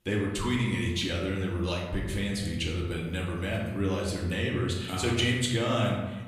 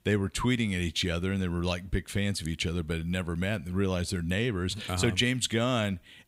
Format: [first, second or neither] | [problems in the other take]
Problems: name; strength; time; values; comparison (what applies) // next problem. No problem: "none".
second | room echo; noticeable; dies away in 1 s // off-mic speech; far